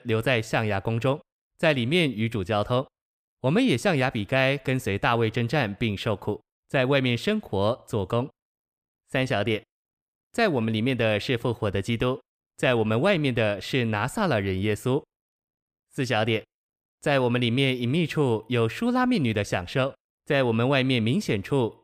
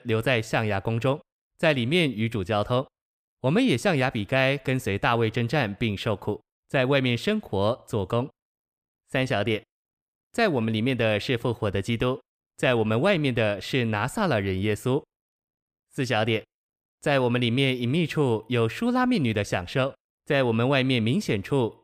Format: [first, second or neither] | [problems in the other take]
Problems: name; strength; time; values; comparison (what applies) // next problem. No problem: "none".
neither | none